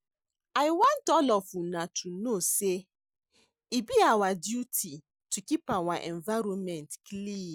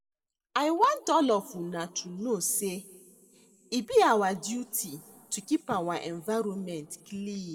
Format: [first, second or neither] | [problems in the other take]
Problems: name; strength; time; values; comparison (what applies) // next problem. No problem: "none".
first | room echo; dies away in 2.1 s